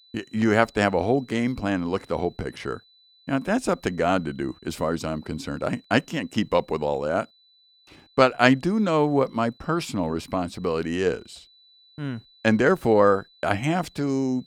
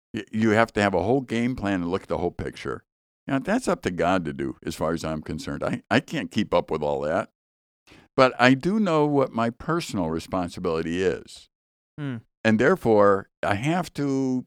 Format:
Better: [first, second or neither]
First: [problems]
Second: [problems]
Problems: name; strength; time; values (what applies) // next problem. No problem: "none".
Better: second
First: high-pitched whine; faint; throughout; 4 kHz, 30 dB below the speech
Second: none